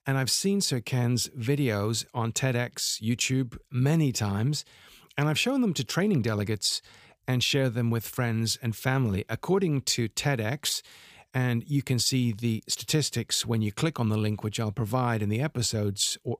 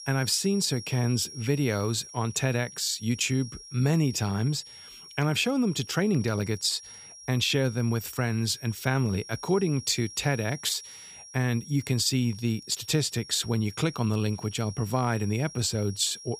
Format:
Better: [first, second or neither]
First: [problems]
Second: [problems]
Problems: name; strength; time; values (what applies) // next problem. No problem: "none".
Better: first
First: none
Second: high-pitched whine; noticeable; throughout; 5.5 kHz, 15 dB below the speech